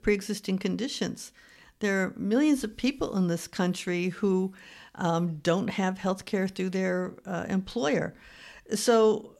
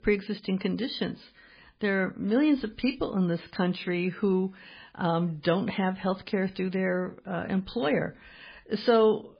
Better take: first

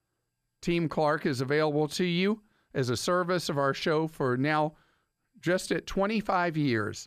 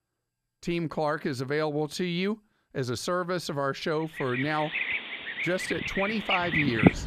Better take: first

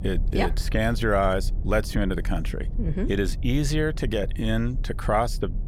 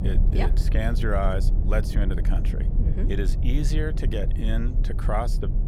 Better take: first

